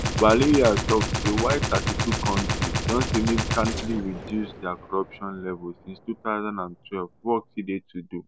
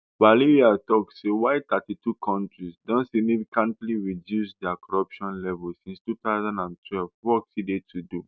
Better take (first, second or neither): second